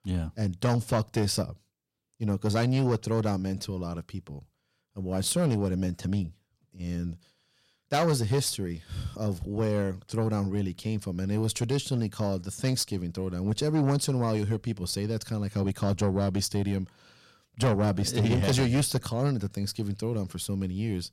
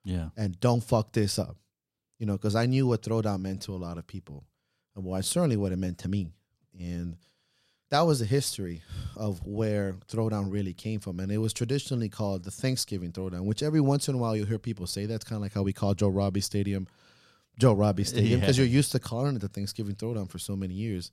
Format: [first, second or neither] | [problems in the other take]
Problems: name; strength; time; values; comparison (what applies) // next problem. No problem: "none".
second | distortion; slight; 10 dB below the speech